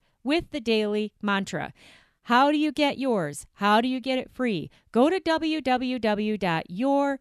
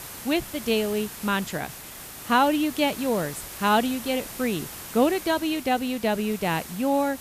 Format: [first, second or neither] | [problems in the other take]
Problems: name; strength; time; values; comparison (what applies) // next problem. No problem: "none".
first | hiss; noticeable; throughout; 10 dB below the speech